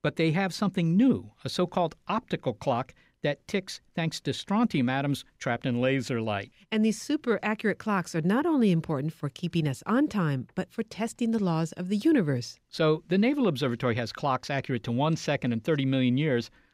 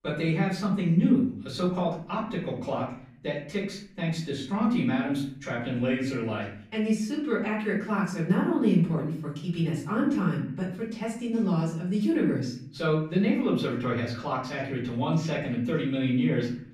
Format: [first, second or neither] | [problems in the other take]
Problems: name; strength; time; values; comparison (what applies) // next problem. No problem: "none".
first | off-mic speech; far // room echo; noticeable; dies away in 0.5 s